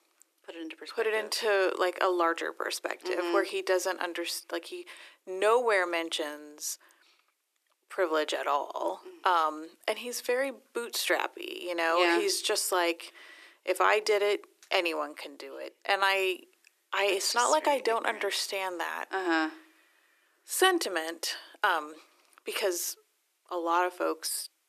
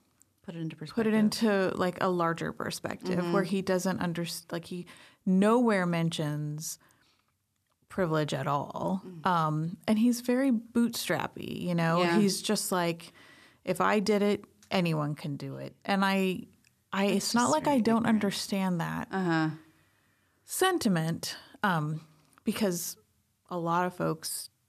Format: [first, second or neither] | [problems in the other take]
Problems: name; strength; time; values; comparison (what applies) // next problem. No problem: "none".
second | thin; very; fading below 350 Hz